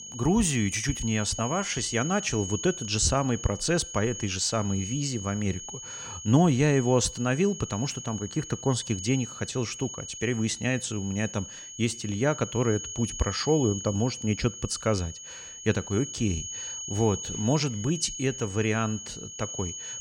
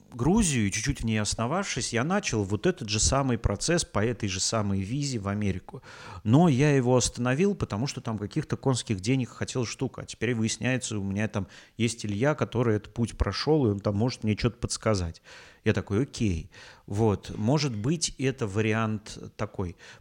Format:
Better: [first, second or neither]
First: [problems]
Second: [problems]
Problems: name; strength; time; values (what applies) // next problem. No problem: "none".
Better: second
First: high-pitched whine; loud; throughout; 6.5 kHz, 9 dB below the speech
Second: none